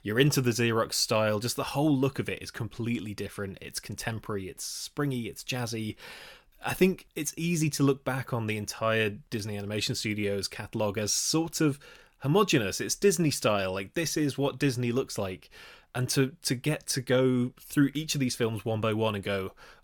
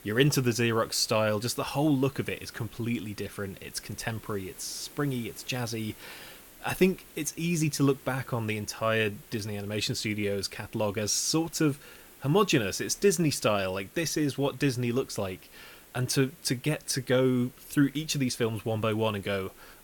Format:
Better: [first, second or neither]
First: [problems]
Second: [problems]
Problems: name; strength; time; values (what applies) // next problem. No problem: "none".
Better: first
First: none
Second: hiss; faint; throughout; 20 dB below the speech